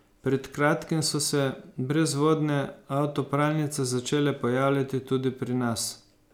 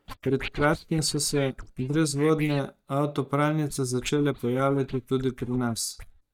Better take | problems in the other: first | noise reduction (neural mask model DeepFilterNet 3)

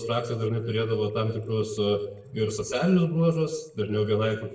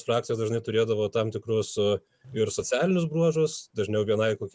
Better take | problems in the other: second | noise reduction (neural separator model SepFormer DNS4)

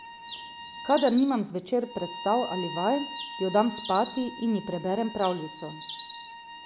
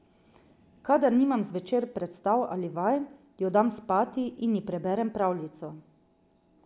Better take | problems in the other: second | background sound (Bowed string instrument + Bird); 12 dB below the speech

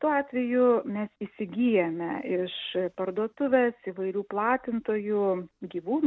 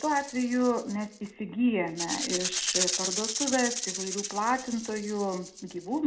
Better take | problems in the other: first | background sound (Rattle (instrument)); 5 dB below the speech // room echo; dies away in 0.5 s

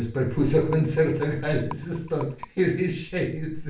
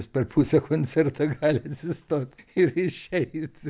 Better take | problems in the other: second | background sound (Rattle); 18 dB below the speech // room echo; dies away in 0.4 s

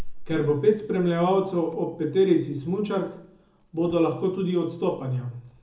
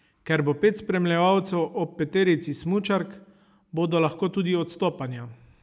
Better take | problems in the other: second | background sound (Cricket); 15 dB below the speech // room echo; dies away in 0.6 s

